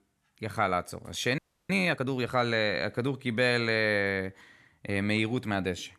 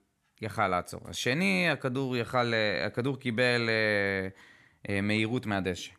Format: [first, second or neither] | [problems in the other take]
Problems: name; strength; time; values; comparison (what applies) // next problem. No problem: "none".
second | audio freezing; at 1.5 s